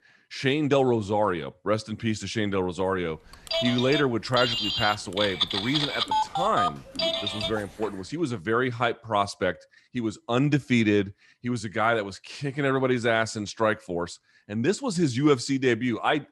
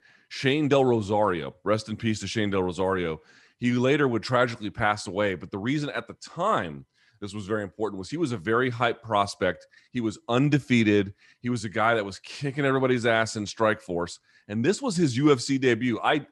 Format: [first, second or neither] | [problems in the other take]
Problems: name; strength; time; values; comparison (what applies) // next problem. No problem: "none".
second | phone ringing; loud; from 3.5 to 8 s; peak 1 dB above the speech